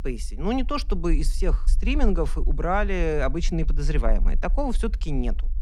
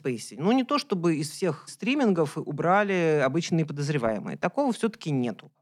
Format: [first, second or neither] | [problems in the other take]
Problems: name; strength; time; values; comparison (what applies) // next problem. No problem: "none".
second | low rumble; faint; throughout; 25 dB below the speech